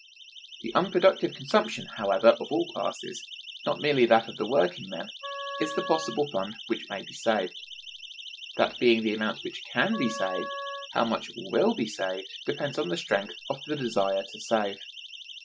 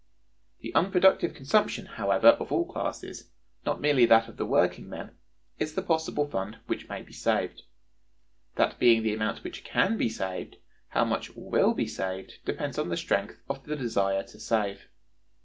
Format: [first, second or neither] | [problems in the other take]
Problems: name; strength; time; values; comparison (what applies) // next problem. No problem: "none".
second | noise reduction (classical method Wiener filter)